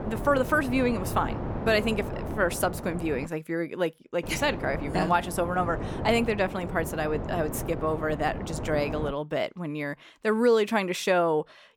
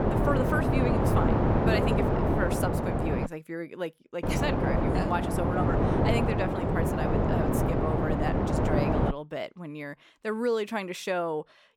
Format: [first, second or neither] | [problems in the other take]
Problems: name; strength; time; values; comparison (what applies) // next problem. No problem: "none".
first | wind noise on the microphone; heavy; until 3.5 s and from 4 to 9 s; 3 dB above the speech; occasional gusts in the first